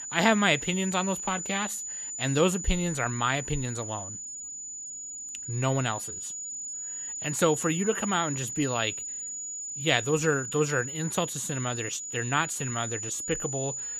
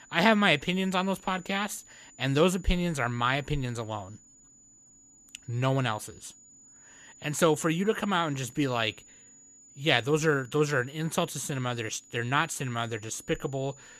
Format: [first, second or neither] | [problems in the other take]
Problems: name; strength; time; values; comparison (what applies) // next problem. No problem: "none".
second | high-pitched whine; loud; throughout; 7 kHz, 5 dB below the speech; faint in the second